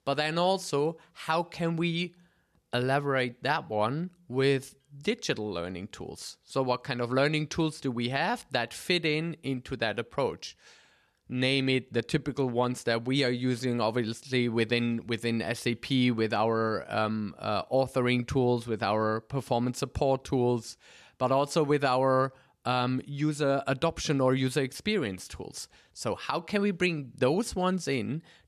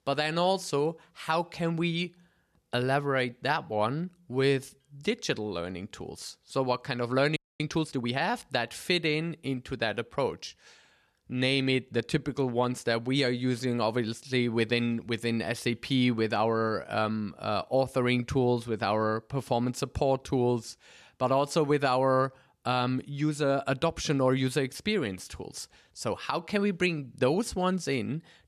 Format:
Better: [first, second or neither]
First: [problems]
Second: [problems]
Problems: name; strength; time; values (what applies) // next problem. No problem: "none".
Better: first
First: none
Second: audio freezing; at 7.5 s